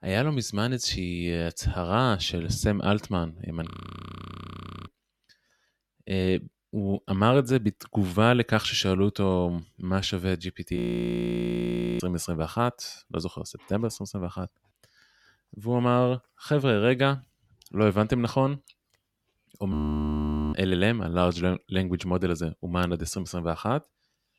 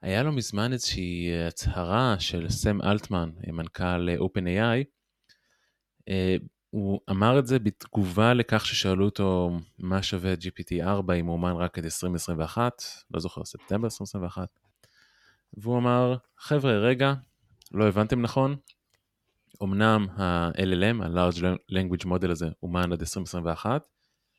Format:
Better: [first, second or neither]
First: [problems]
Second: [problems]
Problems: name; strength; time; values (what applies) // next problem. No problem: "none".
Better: second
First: audio freezing; at 3.5 s for 1 s, at 11 s for 1 s and at 20 s for 1 s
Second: none